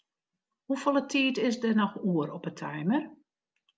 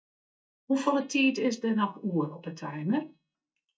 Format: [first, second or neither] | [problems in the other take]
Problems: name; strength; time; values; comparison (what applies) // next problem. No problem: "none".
first | noise reduction (neural mask model DeepFilterNet 3)